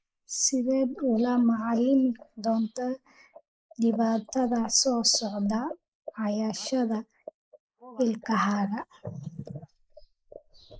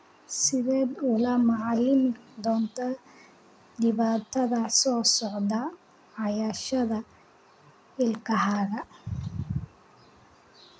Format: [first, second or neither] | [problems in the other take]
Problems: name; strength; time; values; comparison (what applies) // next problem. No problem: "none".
second | noise reduction (neural mask model Resemble Enhance denoiser)